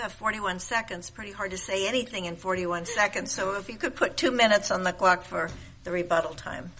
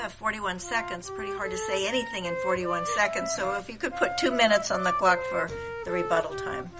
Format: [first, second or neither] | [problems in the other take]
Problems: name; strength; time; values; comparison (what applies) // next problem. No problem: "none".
first | background sound (Wind instrument, woodwind instrument); 5 dB below the speech